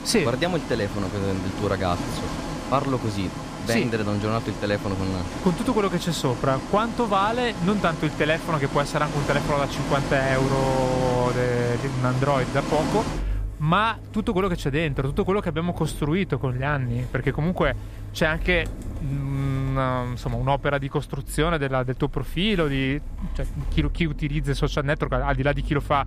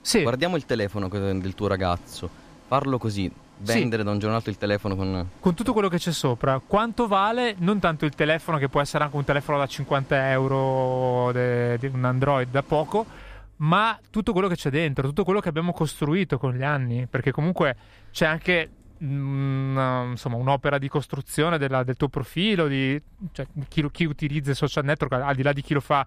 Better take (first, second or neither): second